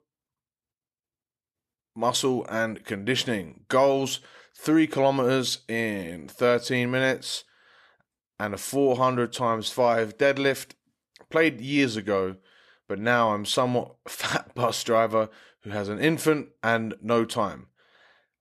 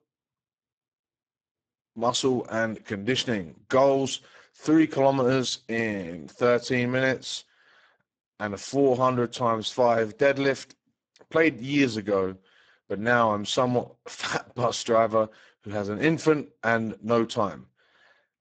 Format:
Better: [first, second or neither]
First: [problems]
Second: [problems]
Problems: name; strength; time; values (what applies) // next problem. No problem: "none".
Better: first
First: none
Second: garbled, watery; badly; nothing above 8 kHz